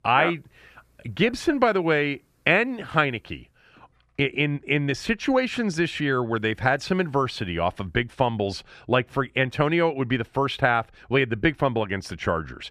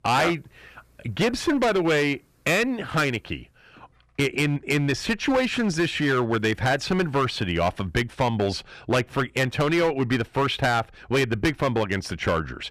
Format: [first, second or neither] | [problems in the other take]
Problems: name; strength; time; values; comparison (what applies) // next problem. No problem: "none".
first | distortion; heavy; 10% of the sound clipped